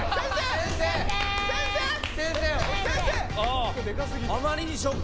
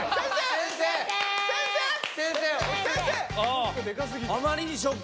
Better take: second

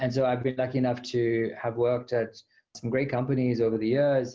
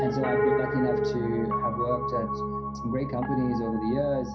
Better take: first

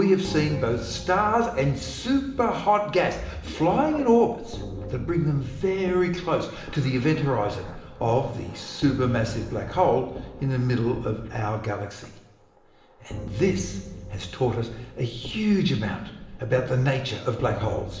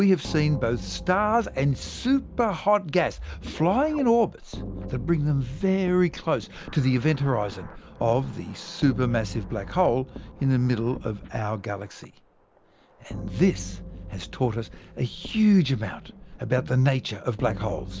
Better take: second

